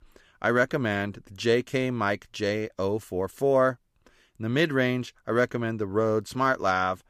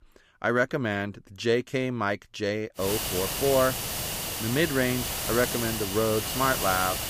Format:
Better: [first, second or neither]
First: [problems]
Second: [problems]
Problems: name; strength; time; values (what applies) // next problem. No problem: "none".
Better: first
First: none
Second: hiss; loud; from 3 s on; 2 dB below the speech